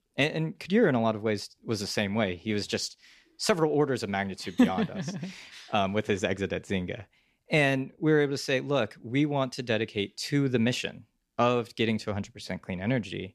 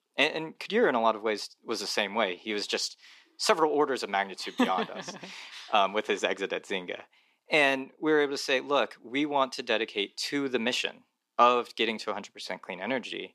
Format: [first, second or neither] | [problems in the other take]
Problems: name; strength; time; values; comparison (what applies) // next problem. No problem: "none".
first | thin; somewhat; fading below 300 Hz